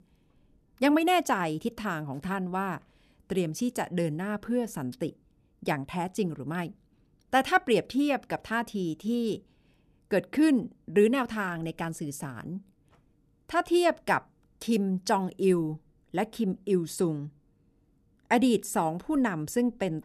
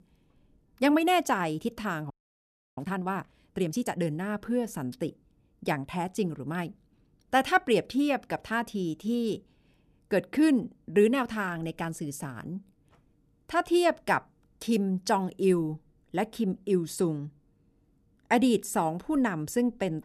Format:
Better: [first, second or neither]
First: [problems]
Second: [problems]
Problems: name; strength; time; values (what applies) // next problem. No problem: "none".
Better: first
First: none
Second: audio freezing; at 2 s for 0.5 s